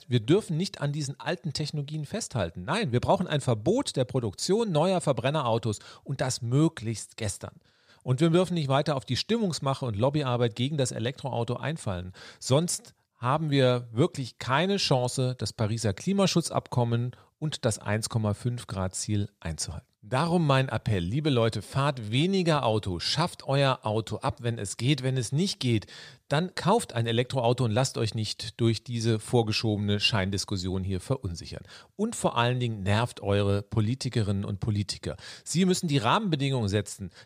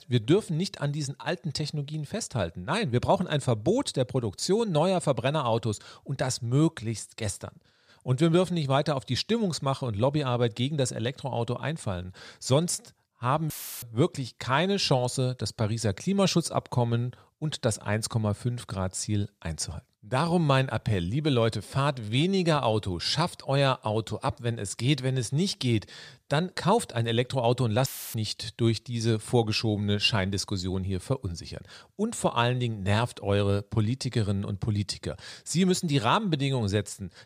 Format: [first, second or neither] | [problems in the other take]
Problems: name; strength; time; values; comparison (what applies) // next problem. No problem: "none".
first | audio cutting out; filled with static; at 14 s and at 28 s